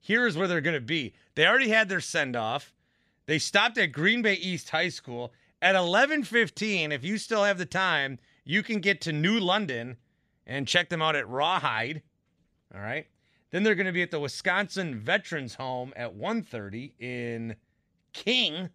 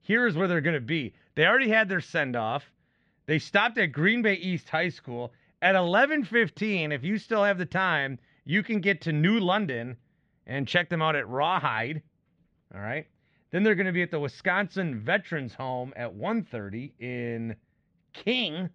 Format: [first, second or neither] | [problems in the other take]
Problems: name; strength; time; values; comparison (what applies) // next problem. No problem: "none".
first | muffled; slightly; fading above 2.5 kHz